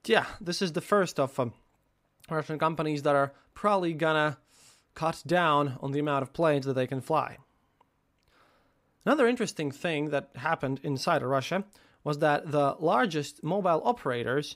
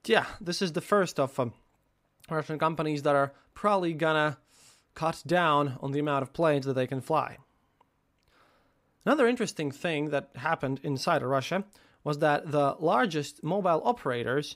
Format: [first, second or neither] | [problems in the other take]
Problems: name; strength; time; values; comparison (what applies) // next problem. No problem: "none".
neither | none